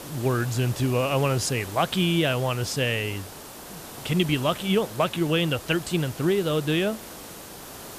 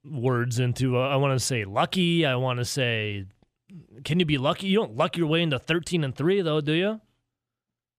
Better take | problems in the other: second | hiss; noticeable; throughout; 15 dB below the speech

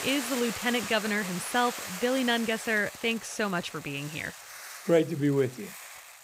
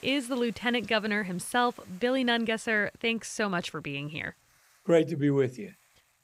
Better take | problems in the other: second | hiss; loud; throughout; 10 dB below the speech; faint in the second

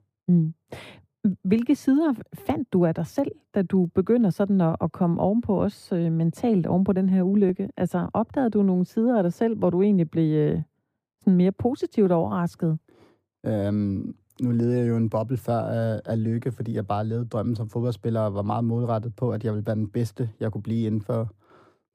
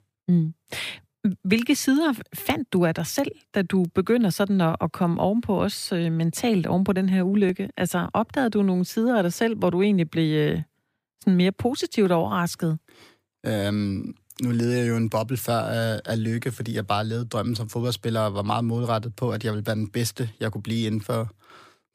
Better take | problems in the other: second | muffled; slightly; fading above 1.5 kHz

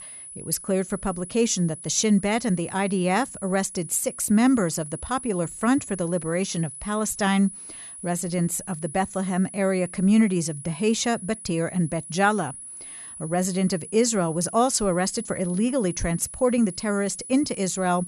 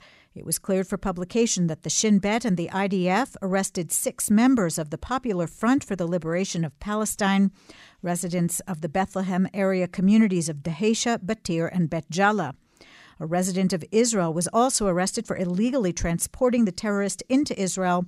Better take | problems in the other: second | high-pitched whine; noticeable; throughout; 10 kHz, 10 dB below the speech

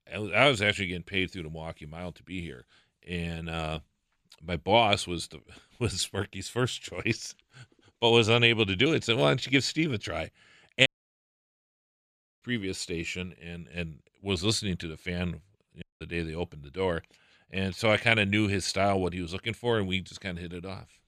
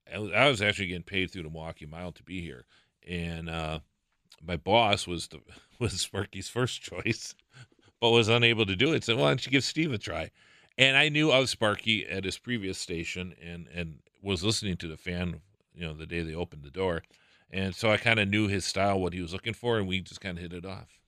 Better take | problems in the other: second | audio cutting out; at 11 s for 1.5 s and at 16 s

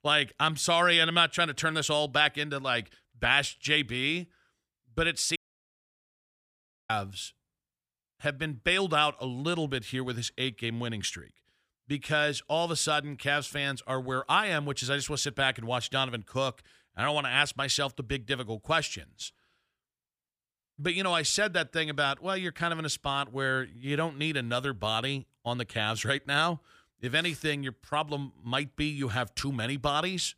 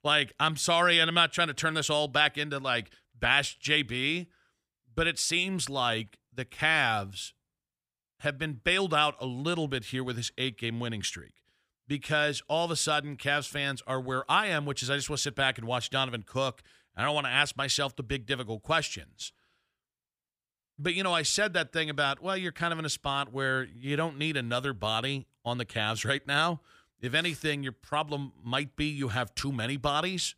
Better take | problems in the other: second | audio cutting out; at 5.5 s for 1.5 s

